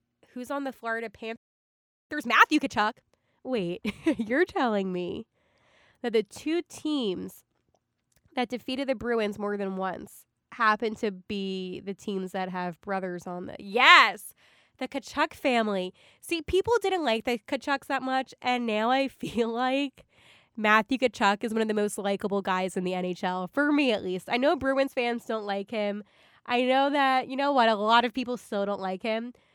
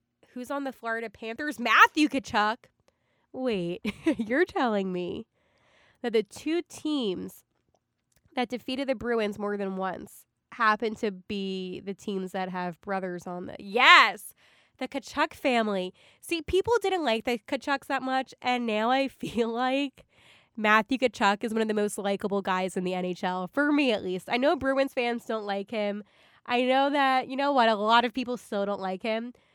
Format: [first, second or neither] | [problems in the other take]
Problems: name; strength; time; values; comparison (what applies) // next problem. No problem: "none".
second | audio freezing; at 1.5 s for 0.5 s